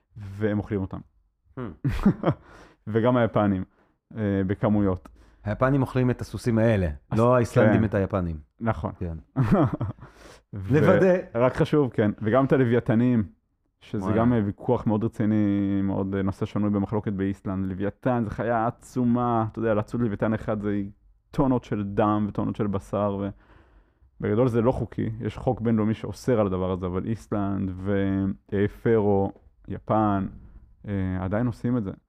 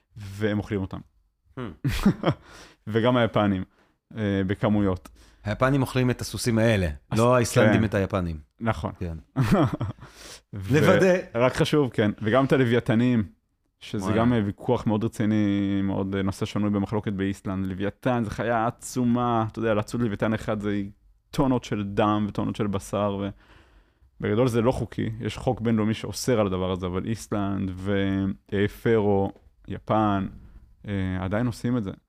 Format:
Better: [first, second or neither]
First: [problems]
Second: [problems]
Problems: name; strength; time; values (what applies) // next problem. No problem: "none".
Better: second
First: muffled; slightly; fading above 2 kHz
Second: none